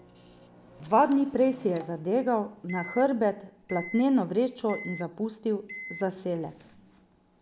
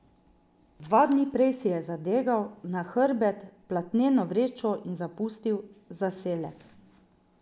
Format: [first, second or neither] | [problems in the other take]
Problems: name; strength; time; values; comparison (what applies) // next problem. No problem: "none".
second | background sound (Microwave oven); 18 dB below the speech